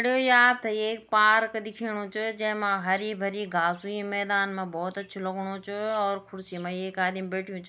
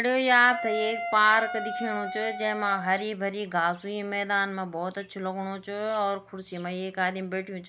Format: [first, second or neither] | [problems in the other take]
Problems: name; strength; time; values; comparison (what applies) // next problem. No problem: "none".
first | background sound (Wind instrument, woodwind instrument); 7 dB below the speech